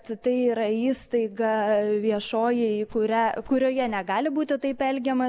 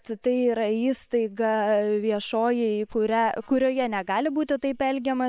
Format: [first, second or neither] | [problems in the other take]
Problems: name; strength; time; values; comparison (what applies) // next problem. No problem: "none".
first | noise reduction (neural separator model SepFormer WHAM!)